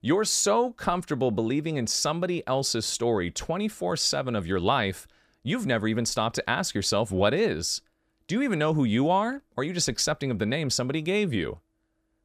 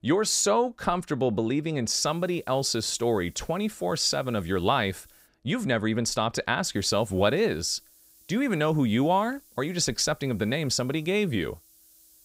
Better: first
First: none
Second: hiss; faint; from 2 to 5.5 s and from 6.5 s on; 30 dB below the speech

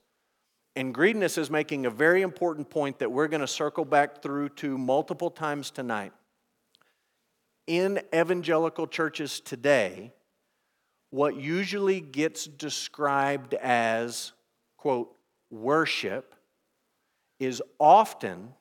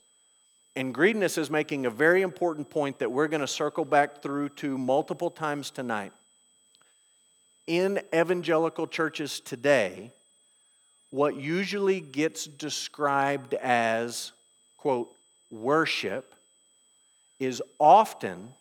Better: first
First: none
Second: high-pitched whine; faint; throughout; 8 kHz, 35 dB below the speech

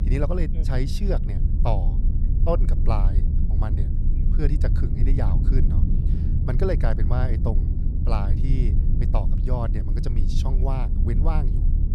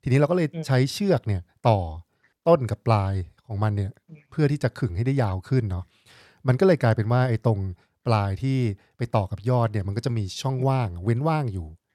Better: second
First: low rumble; loud; throughout; 7 dB below the speech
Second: none

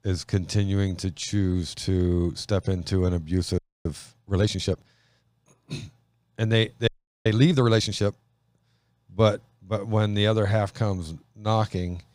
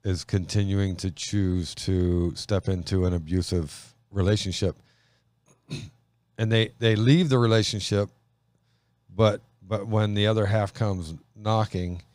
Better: second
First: audio freezing; at 3.5 s and at 7 s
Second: none

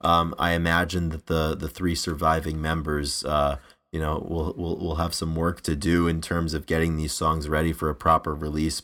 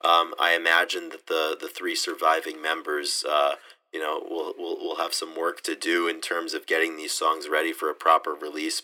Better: first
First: none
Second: thin; very; fading below 350 Hz

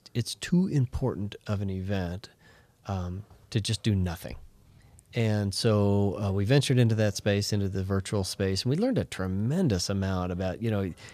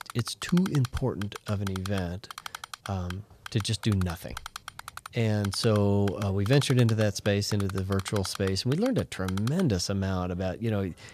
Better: first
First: none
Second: keyboard typing; faint; until 9.5 s; peak 10 dB below the speech

